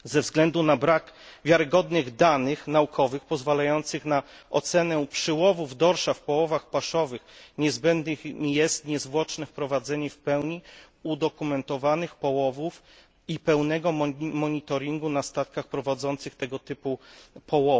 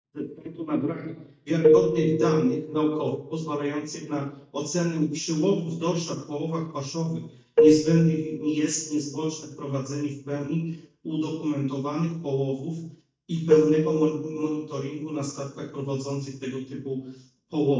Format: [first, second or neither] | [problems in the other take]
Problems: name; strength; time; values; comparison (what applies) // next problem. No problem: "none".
first | noise reduction (neural mask model DeepFilterNet 3)